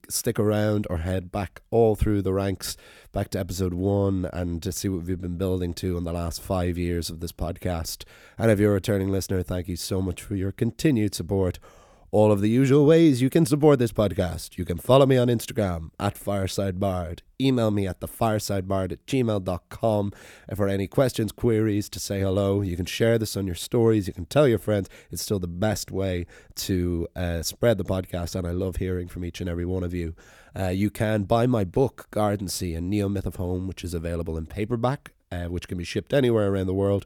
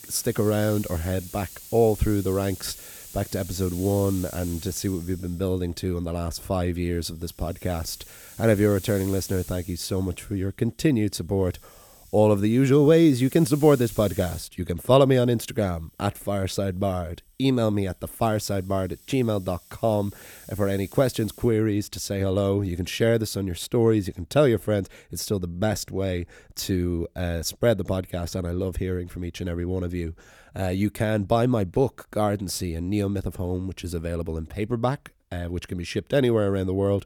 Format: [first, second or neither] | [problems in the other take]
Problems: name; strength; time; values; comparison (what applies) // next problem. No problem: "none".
first | hiss; noticeable; until 21 s; 15 dB below the speech